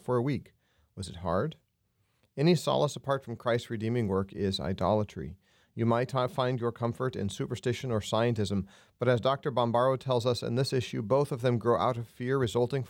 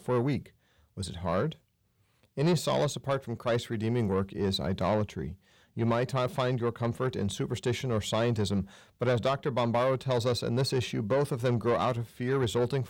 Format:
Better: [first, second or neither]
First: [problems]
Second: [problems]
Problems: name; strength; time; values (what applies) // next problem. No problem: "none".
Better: first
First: none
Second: distortion; slight; 10 dB below the speech